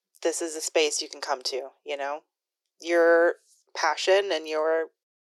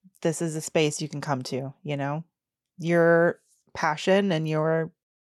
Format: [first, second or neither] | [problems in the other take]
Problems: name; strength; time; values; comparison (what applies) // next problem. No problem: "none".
second | thin; very; fading below 350 Hz